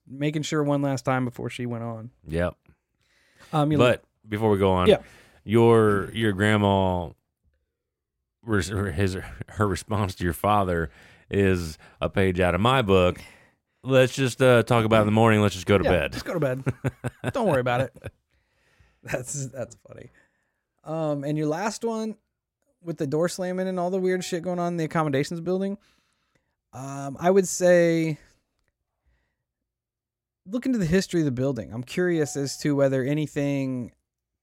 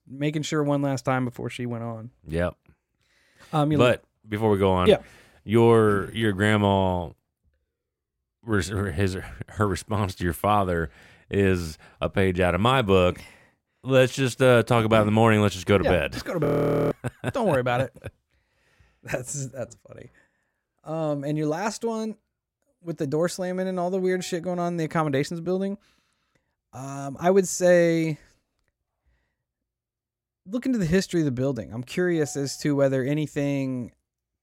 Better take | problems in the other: first | audio freezing; at 16 s

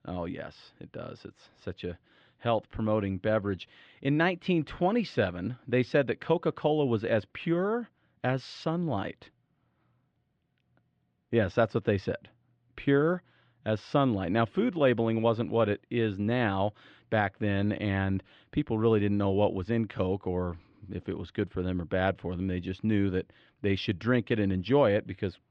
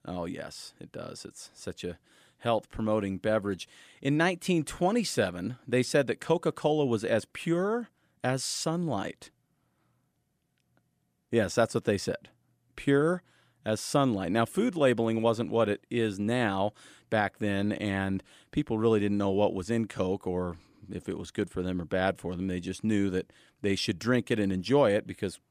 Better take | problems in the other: second | muffled; slightly; fading above 3.5 kHz

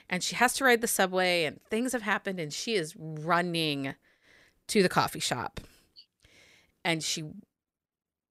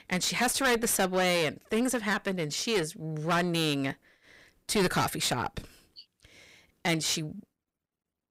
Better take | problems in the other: first | distortion; heavy; 9% of the sound clipped

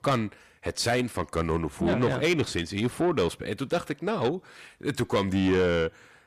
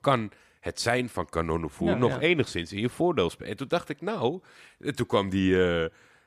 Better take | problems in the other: second | distortion; slight; 10 dB below the speech

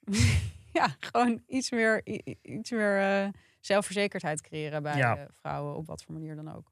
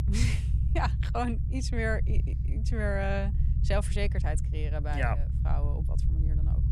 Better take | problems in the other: first | low rumble; noticeable; throughout; 10 dB below the speech

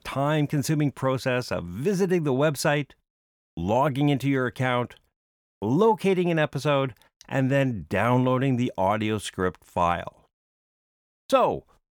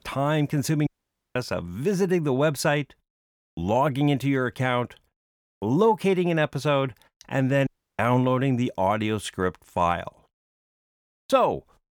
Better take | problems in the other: first | audio cutting out; at 1 s and at 7.5 s

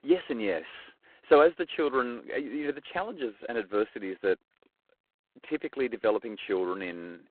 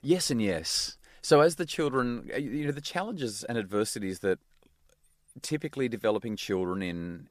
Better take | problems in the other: second | phone-call audio; poor line; nothing above 4 kHz

